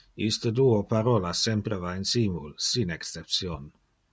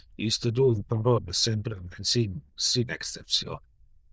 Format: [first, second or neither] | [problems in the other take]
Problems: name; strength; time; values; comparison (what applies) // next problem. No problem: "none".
first | noise reduction (neural diffusion model UNIVERSE++)